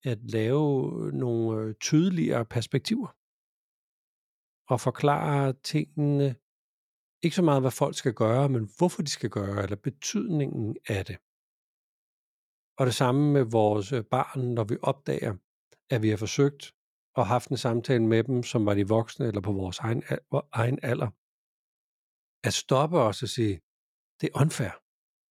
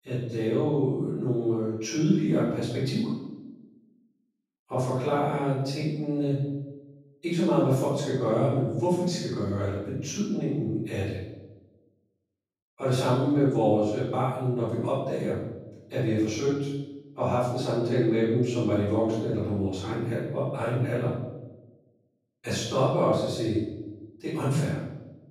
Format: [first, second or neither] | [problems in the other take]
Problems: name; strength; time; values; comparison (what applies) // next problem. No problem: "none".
first | off-mic speech; far // room echo; strong; dies away in 0.9 s